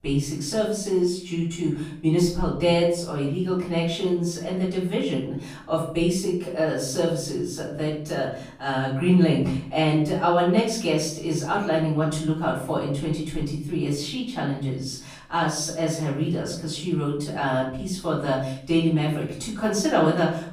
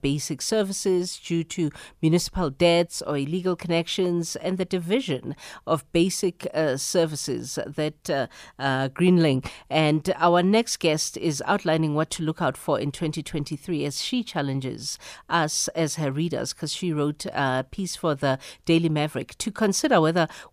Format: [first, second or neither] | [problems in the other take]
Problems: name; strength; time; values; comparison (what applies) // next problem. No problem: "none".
second | off-mic speech; far // room echo; noticeable; dies away in 0.6 s